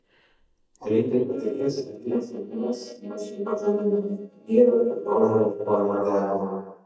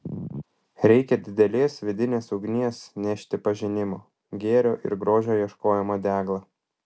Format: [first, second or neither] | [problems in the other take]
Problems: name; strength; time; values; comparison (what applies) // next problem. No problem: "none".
second | noise reduction (neural mask model DeepFilterNet 3)